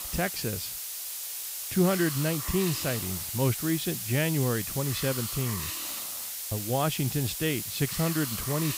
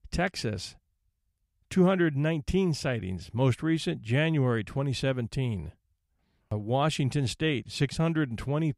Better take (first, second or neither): second